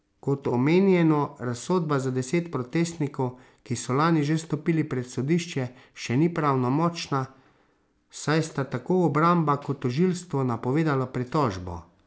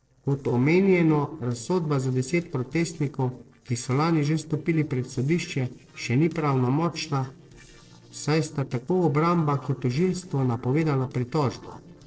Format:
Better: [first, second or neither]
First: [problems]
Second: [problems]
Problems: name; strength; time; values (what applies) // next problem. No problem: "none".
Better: first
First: none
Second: noise reduction (neural separator model SepFormer DNS4)